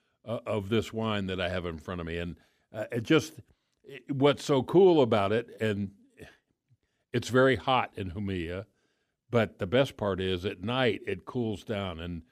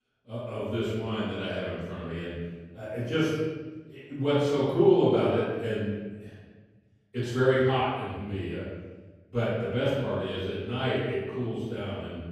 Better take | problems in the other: first | off-mic speech; far // room echo; strong; dies away in 1.2 s

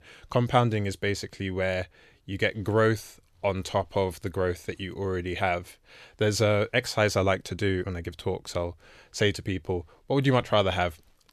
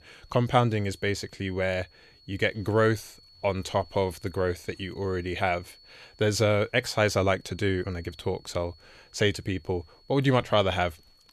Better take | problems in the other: first | high-pitched whine; faint; throughout; 4.5 kHz, 25 dB below the speech

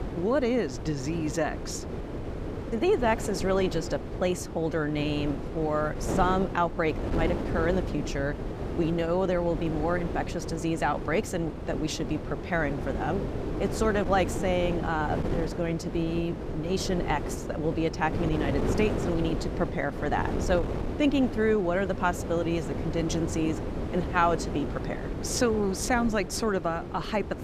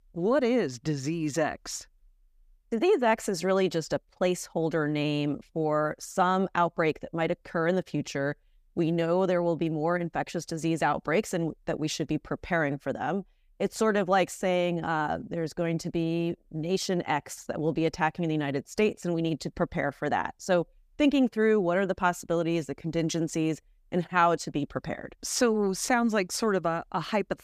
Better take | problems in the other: second | wind noise on the microphone; heavy; 8 dB below the speech

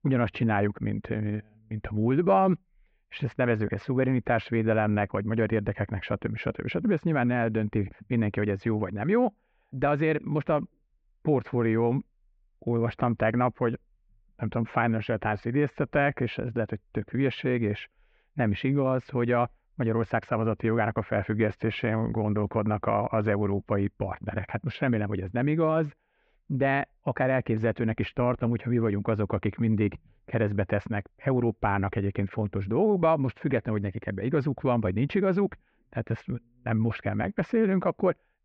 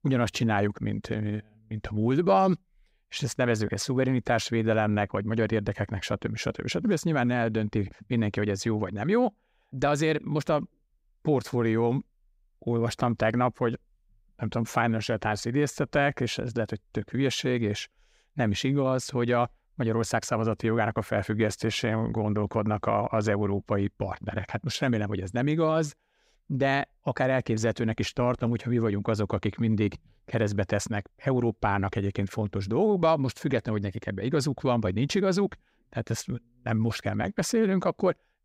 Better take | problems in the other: second | muffled; very; fading above 2.5 kHz

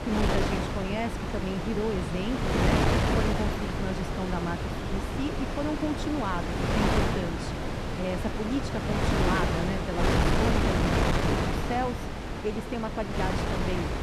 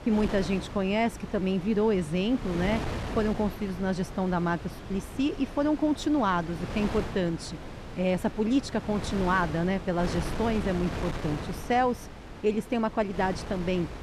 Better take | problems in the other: second | wind noise on the microphone; heavy; 4 dB above the speech; occasional gusts in the second

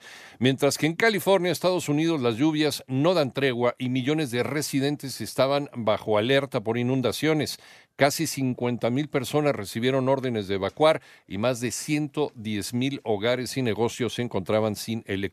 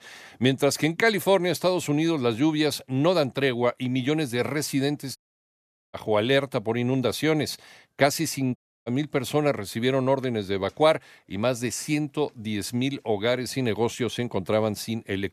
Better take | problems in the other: first | audio cutting out; at 5 s for 1 s and at 8.5 s

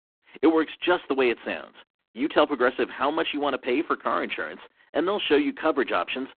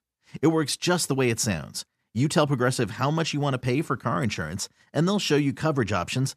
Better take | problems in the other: second | phone-call audio; poor line

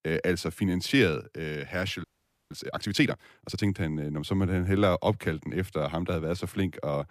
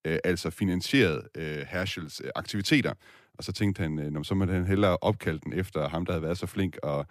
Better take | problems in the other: second | audio freezing; at 2 s

